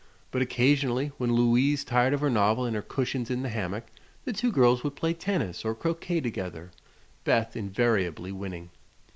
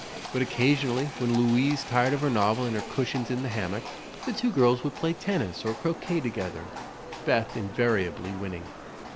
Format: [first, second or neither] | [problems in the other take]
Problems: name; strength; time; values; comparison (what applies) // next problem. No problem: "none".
first | background sound (Livestock, farm animals, working animals); 12 dB below the speech